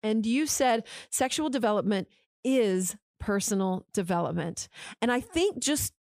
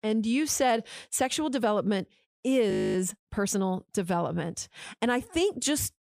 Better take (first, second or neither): first